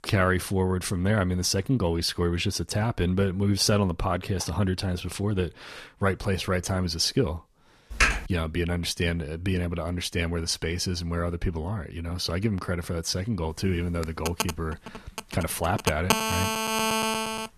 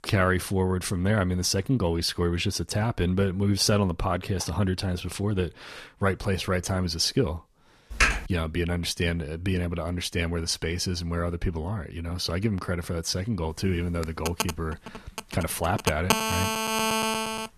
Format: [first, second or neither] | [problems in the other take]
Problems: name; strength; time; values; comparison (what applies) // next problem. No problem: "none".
neither | keyboard typing; loud; at 8 s; peak 4 dB above the speech; the same in both // phone ringing; loud; from 14 s on; peak 3 dB above the speech; the same in both